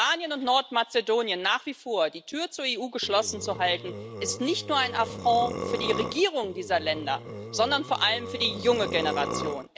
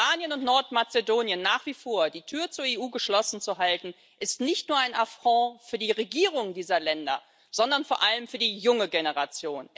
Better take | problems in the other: second | background sound (Burping, eructation); 8 dB below the speech

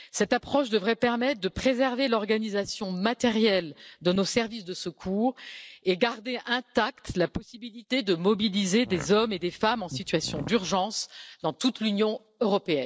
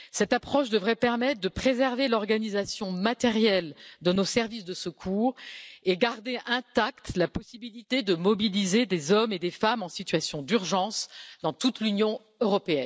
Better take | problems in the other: second | noise reduction (neural separator model SepFormer DNS4)

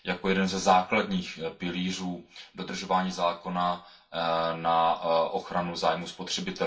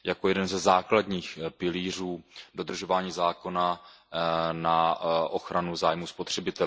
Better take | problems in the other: second | room echo; dies away in 0.3 s

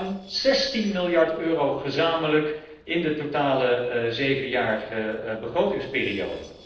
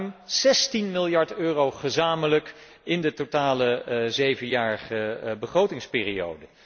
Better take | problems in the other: second | noise reduction (neural separator model SepFormer DNS4)

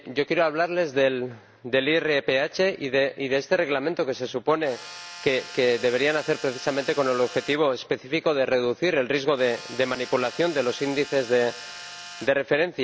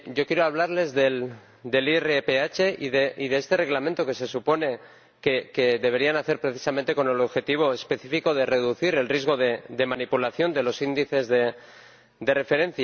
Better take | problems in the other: second | background sound (Tools); 15 dB below the speech

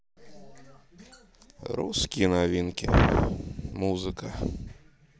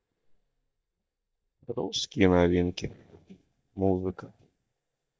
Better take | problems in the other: first | noise reduction (neural mask model DeepFilterNet 3)

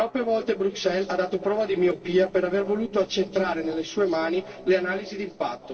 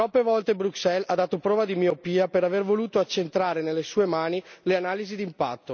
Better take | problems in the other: second | noise reduction (neural separator model SepFormer DNS4)

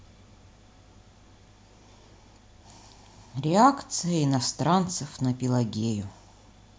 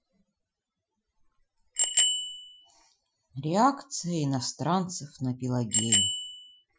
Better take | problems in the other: first | noise reduction (classical method Wiener filter)

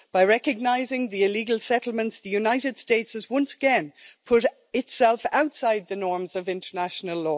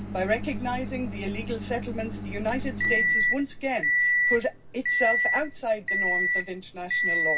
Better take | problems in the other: first | background sound (Microwave oven); 3 dB above the speech // room echo; dies away in 0.4 s

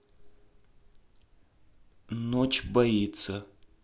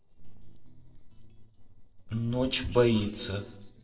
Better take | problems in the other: first | noise reduction (neural separator model SepFormer DNS4)

